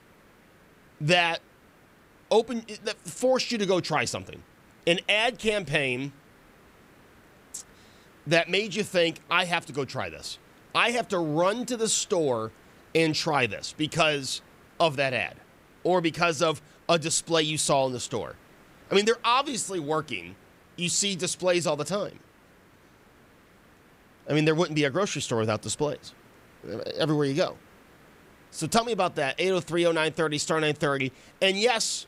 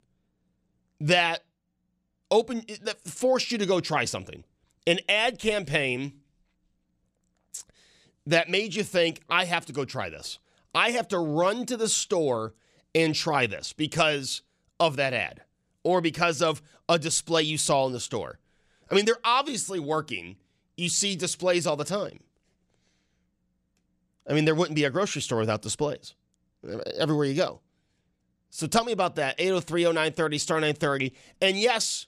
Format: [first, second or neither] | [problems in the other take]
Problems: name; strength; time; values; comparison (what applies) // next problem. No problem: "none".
second | hiss; faint; throughout; 30 dB below the speech